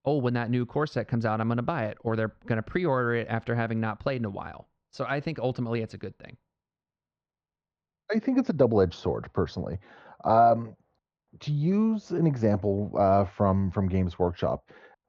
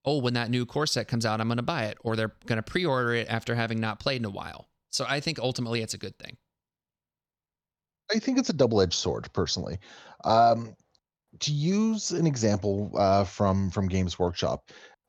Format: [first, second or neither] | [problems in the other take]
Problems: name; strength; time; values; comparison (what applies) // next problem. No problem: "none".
second | muffled; very; fading above 1.5 kHz